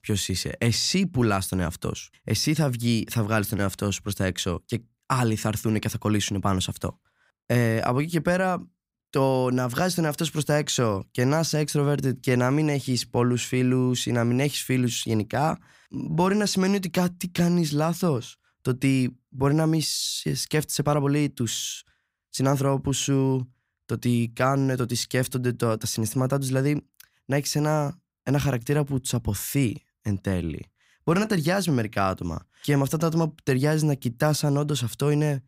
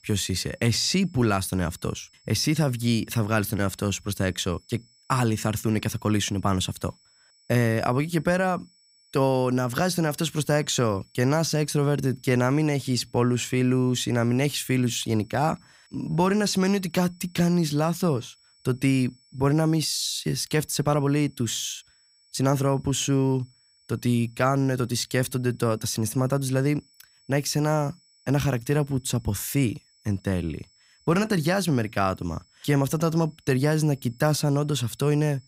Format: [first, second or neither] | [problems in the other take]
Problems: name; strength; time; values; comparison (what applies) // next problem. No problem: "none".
first | high-pitched whine; faint; throughout; 5.5 kHz, 35 dB below the speech